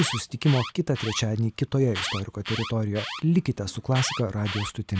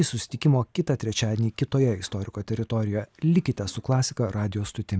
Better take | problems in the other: second | background sound (Alarm); 10 dB below the speech

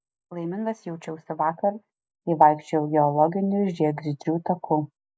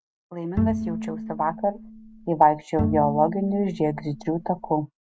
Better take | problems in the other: first | background sound (Bowed string instrument); 6 dB below the speech

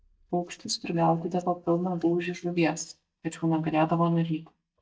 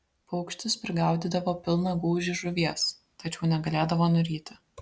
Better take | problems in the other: second | noise reduction (neural mask model DeepFilterNet 3)

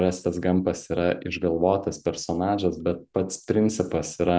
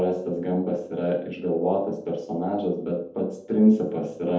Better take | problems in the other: first | room echo; dies away in 0.6 s

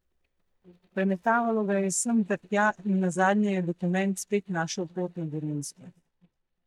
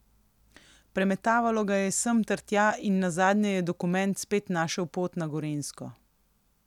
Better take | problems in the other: second | noise reduction (neural mask model DeepFilterNet 3)

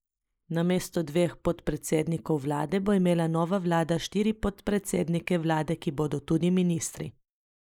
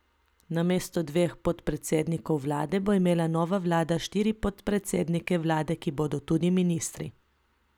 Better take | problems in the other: second | noise reduction (neural mask model Resemble Enhance denoiser)

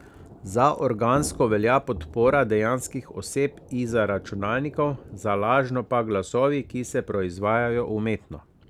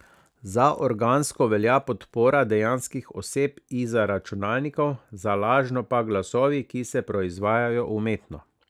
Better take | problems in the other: second | background sound (Thunder / Rain); 19 dB below the speech

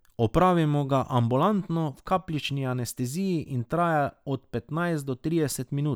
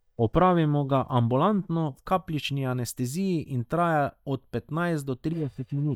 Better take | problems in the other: first | noise reduction (neural mask model DeepFilterNet 3)

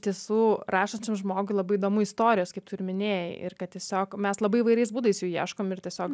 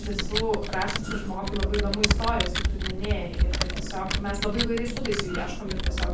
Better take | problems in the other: first | background sound (Computer keyboard); 4 dB above the speech // room echo; dies away in 0.3 s

